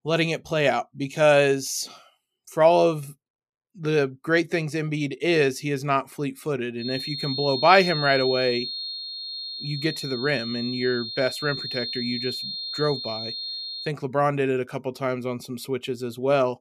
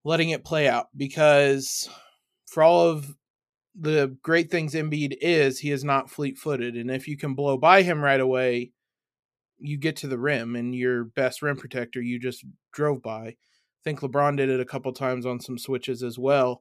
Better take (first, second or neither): second